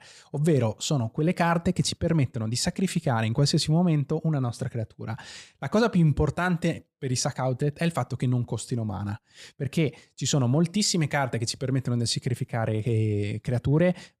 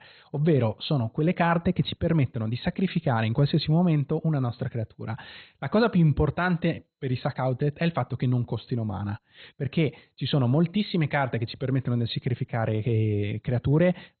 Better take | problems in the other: first | garbled, watery; badly; nothing above 4 kHz

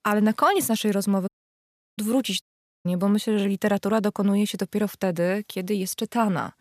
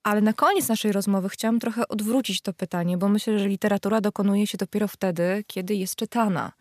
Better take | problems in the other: second | audio cutting out; at 1.5 s for 0.5 s and at 2.5 s

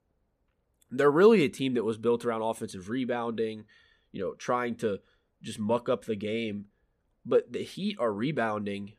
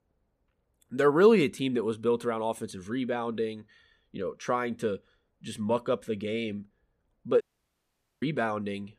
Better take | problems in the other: first | audio cutting out; at 7.5 s for 1 s

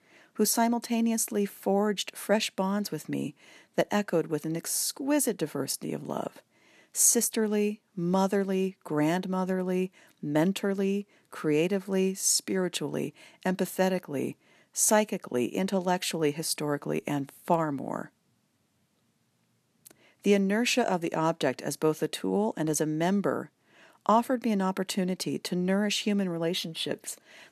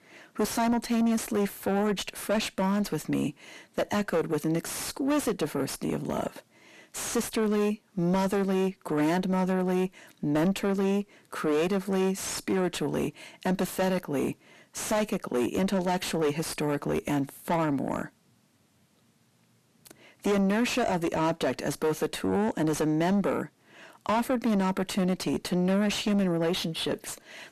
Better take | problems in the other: first | distortion; heavy; 6 dB below the speech

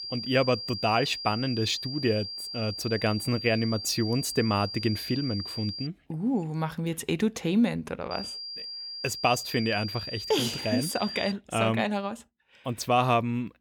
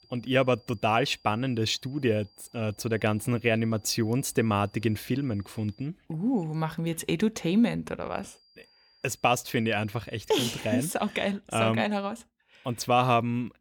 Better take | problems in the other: second | high-pitched whine; loud; until 6 s and from 8 to 11 s; 4.5 kHz, 7 dB below the speech; faint in the second

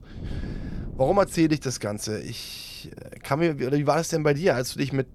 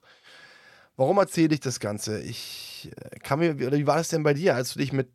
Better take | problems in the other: second | wind noise on the microphone; occasional gusts; 25 dB below the speech

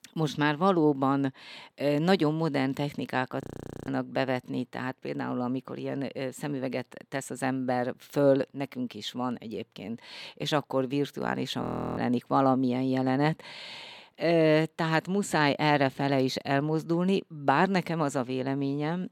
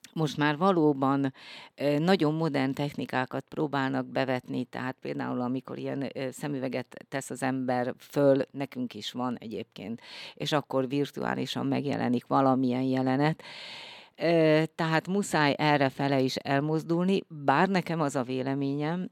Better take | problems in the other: second | audio freezing; at 3.5 s and at 12 s

